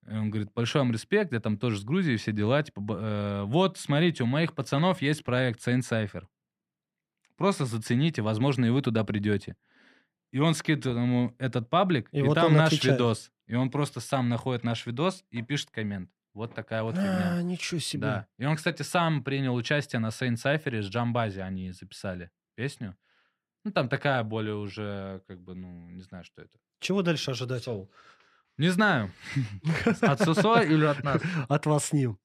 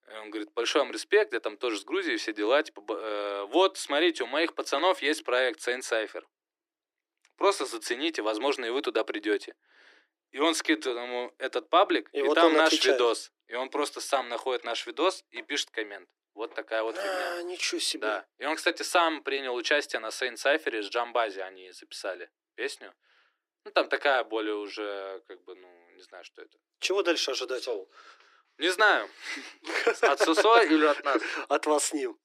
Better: first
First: none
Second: thin; very; fading below 300 Hz

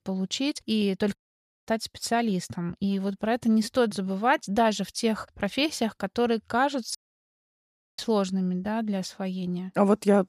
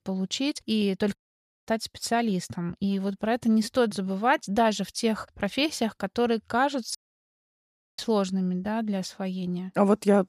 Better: neither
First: audio cutting out; at 1 s for 0.5 s and at 7 s for 1 s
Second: audio cutting out; at 1 s for 0.5 s and at 7 s for 1 s

